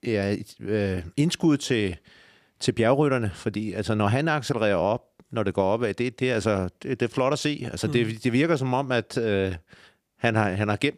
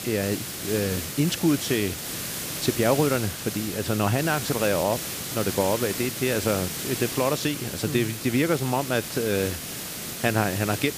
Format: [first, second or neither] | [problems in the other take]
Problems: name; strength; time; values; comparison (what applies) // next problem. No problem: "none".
first | hiss; loud; throughout; 5 dB below the speech